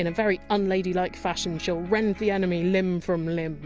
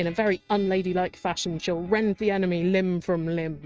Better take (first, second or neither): first